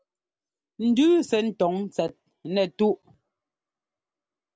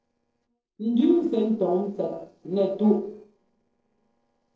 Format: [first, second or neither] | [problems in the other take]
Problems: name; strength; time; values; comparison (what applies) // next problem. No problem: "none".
first | noise reduction (neural separator model SepFormer DNS4)